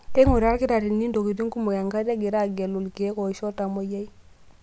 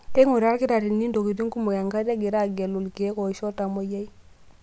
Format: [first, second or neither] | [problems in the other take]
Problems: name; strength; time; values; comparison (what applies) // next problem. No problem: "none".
second | background sound (Bass drum); 11 dB below the speech